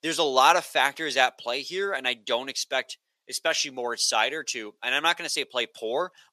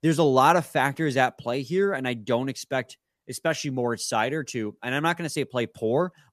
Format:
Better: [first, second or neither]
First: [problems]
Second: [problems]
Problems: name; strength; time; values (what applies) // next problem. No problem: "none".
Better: second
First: thin; very; fading below 550 Hz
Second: none